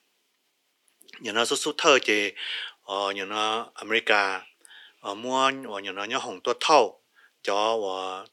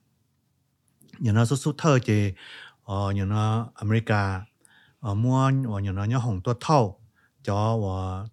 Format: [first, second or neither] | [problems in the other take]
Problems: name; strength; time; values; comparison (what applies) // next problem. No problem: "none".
second | thin; very; fading below 400 Hz